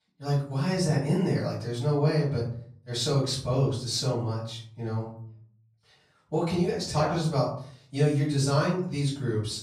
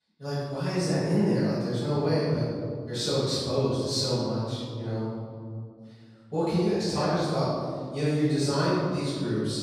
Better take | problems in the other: first | room echo; strong; dies away in 2.1 s; slight in the first // off-mic speech; far; far in the first

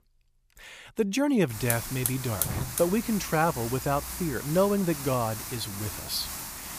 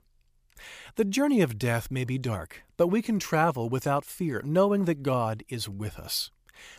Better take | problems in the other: second | hiss; loud; from 1.5 s on; 5 dB below the speech

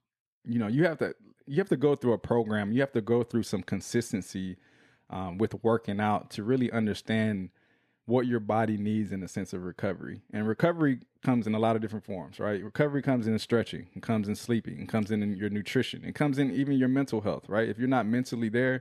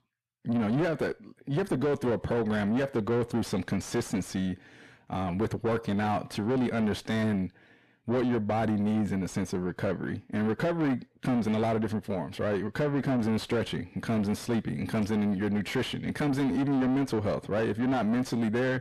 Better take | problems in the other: first | distortion; heavy; 7 dB below the speech

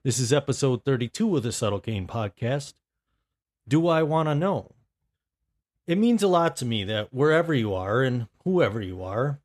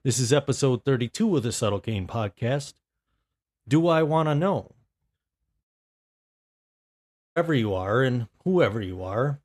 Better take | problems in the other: first | audio cutting out; at 5.5 s for 1.5 s

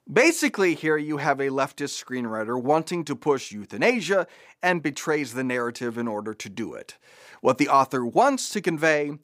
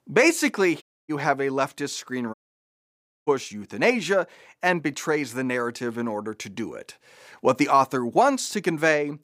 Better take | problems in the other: first | audio cutting out; at 1 s and at 2.5 s for 1 s

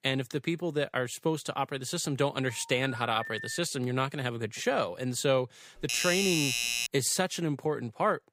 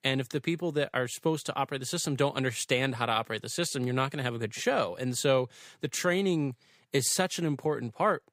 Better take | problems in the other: second | phone ringing; noticeable; from 2.5 to 3.5 s; peak 8 dB below the speech // doorbell; loud; from 6 to 7 s; peak 3 dB above the speech

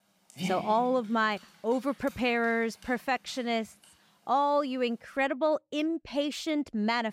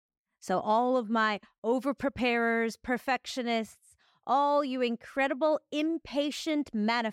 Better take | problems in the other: second | dog barking; noticeable; until 2 s; peak 6 dB below the speech

